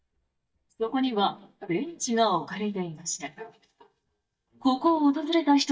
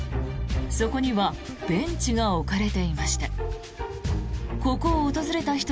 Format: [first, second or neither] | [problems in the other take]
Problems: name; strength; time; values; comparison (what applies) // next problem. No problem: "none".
second | noise reduction (neural mask model DeepFilterNet 3)